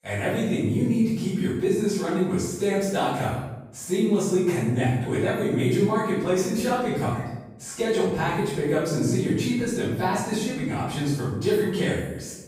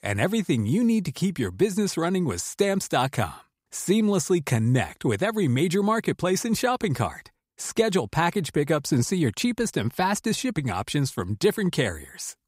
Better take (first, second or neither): second